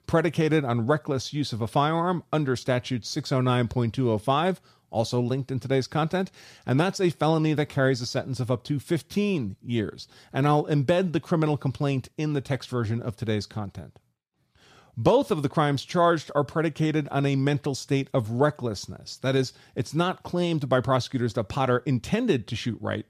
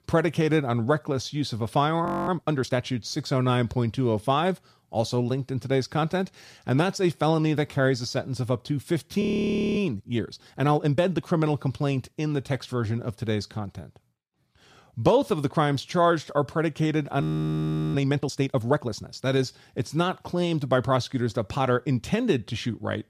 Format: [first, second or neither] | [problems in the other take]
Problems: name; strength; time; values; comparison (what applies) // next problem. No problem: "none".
first | audio freezing; at 2 s, at 9 s for 0.5 s and at 17 s for 0.5 s